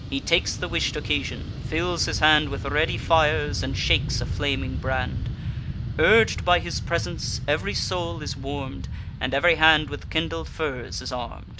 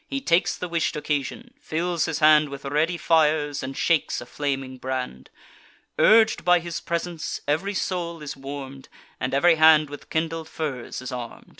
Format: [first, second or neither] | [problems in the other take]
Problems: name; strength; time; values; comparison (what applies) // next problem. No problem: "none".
second | background sound (Fixed-wing aircraft, airplane); 5 dB below the speech